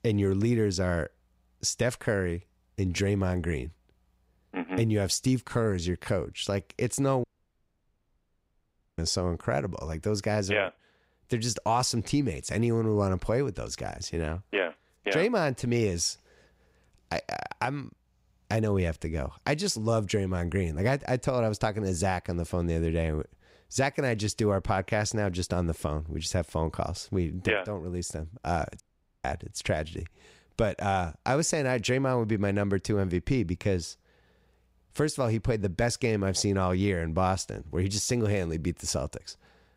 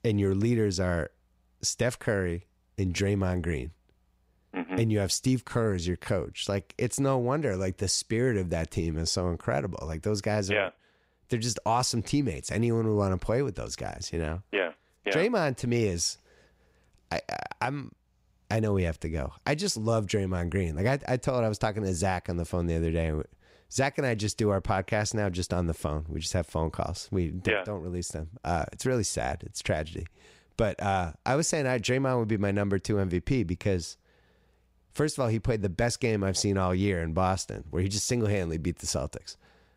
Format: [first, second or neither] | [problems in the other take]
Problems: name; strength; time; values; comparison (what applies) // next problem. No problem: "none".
second | audio cutting out; at 7 s for 1.5 s and at 29 s